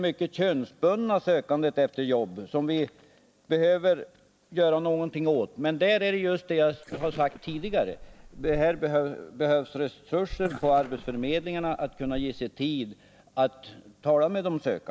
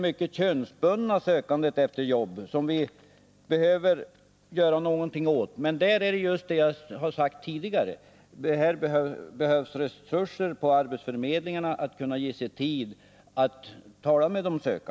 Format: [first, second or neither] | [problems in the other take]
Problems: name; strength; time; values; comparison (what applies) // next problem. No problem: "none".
second | noise reduction (neural mask model Resemble Enhance denoiser)